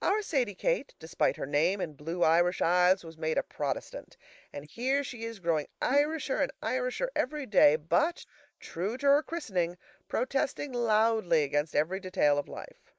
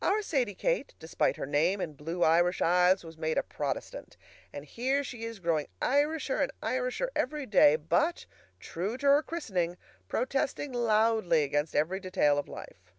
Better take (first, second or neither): second